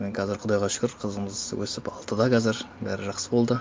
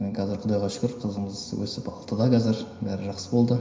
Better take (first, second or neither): first